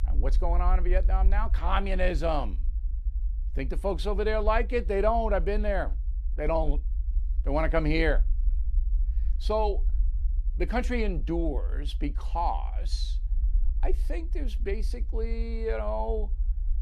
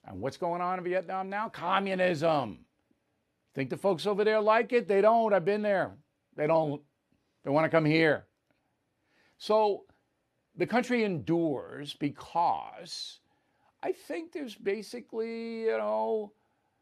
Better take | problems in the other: second | low rumble; faint; throughout; 25 dB below the speech

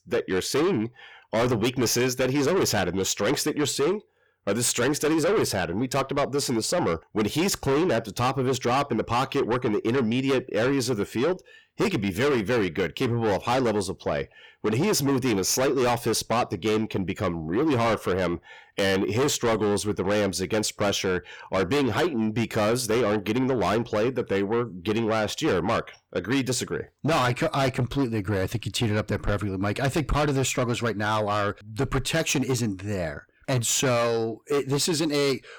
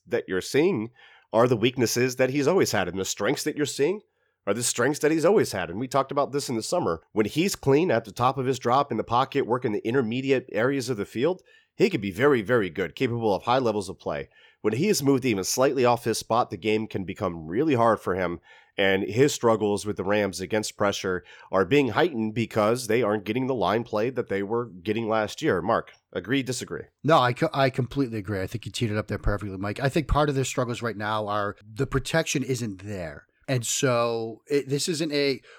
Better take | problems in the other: second | distortion; heavy; 6 dB below the speech

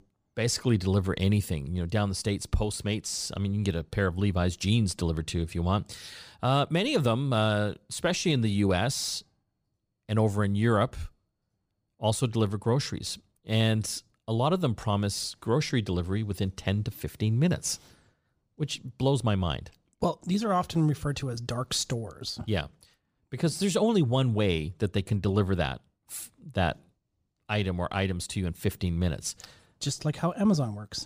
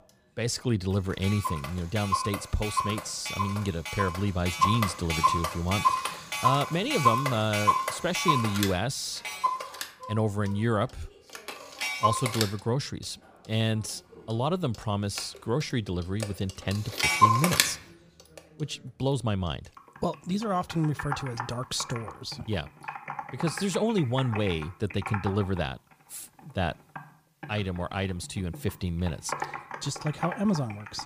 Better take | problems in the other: first | household noises; very loud; throughout; as loud as the speech

